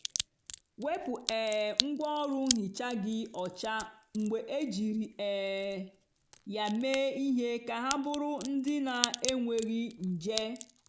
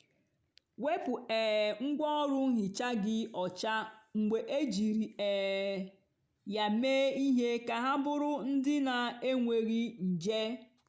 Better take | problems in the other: second | background sound (Crack); 7 dB below the speech

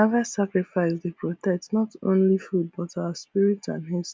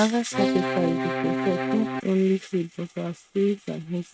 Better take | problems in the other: first | noise reduction (neural mask model RNNoise)

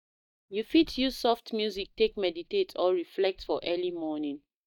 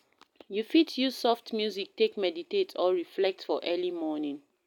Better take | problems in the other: second | noise reduction (neural mask model DeepFilterNet 3)

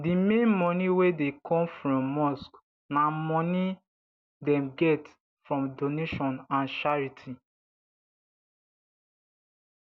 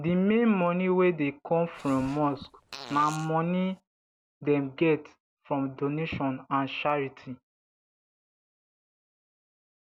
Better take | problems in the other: first | background sound (Fart); 17 dB below the speech

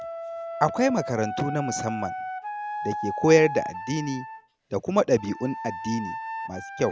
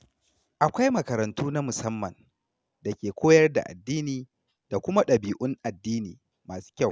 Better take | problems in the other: second | background sound (Wind instrument, woodwind instrument); 8 dB below the speech

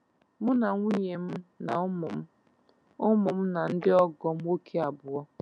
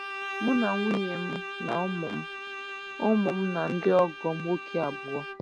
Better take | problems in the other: first | background sound (Bowed string instrument); 8 dB below the speech

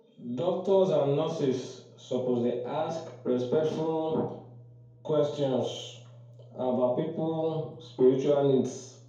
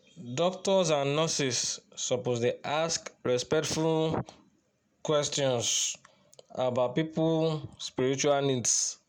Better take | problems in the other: second | room echo; dies away in 2.2 s

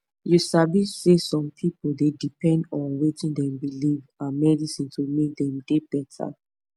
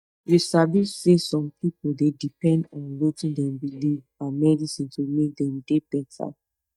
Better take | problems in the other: first | noise reduction (neural mask model DeepFilterNet 3)

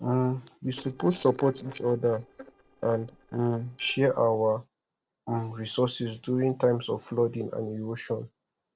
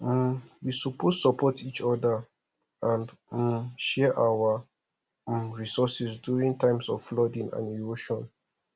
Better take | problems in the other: second | noise reduction (neural separator model SepFormer DNS4)

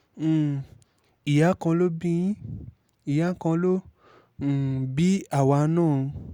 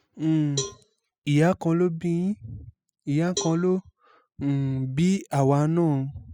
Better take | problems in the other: first | noise reduction (classical method spectral subtraction)

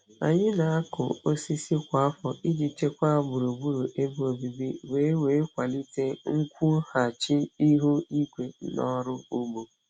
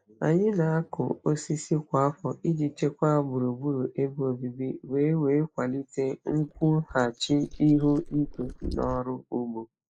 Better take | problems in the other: first | noise reduction (neural mask model Resemble Enhance denoiser)

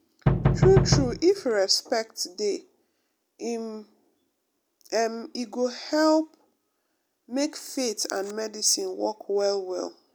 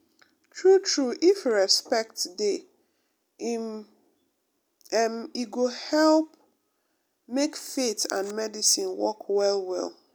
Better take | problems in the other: second | background sound (Knock); 4 dB above the speech

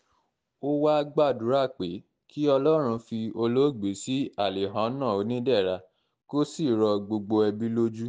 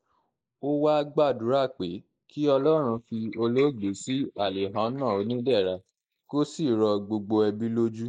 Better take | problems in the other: first | noise reduction (neural mask model Resemble Enhance denoiser)

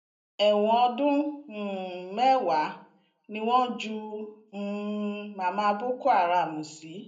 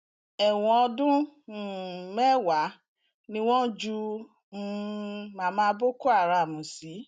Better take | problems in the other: second | room echo; dies away in 0.5 s

